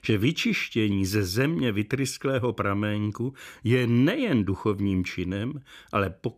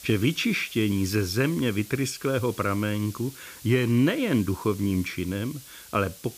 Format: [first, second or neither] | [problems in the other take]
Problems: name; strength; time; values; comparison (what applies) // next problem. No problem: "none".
first | hiss; noticeable; throughout; 15 dB below the speech